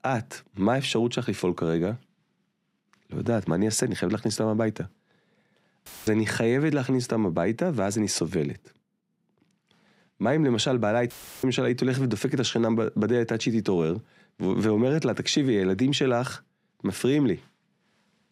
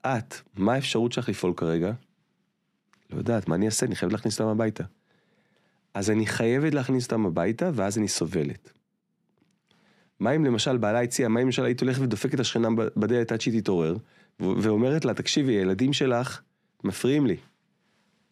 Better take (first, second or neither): second